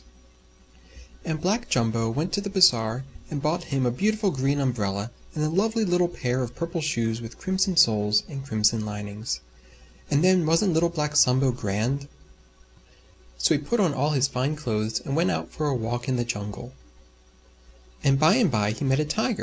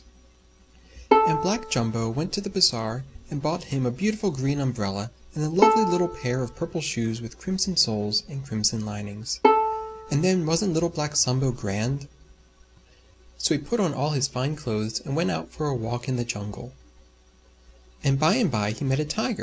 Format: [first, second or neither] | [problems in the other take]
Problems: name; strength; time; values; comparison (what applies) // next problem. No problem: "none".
first | background sound (Bowed string instrument); 1 dB below the speech